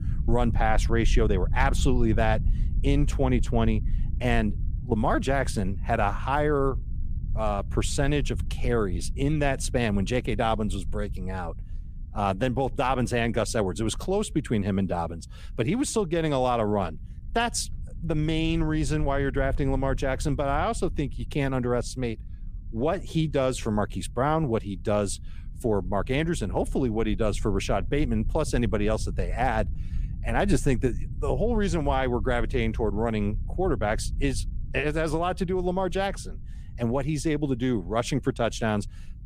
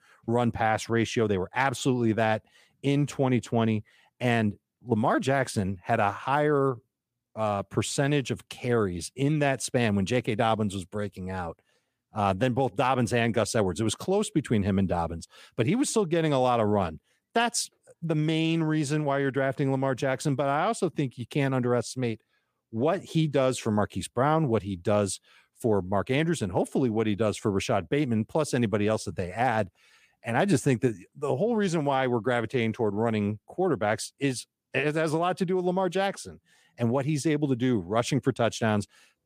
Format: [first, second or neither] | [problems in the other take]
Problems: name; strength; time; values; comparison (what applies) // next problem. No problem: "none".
second | low rumble; faint; throughout; 25 dB below the speech